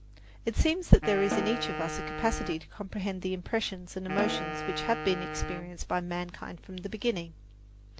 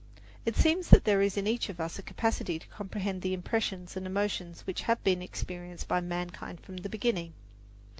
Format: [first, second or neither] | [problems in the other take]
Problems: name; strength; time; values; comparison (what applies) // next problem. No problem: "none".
second | background sound (Wind instrument, woodwind instrument + Snare drum); 7 dB below the speech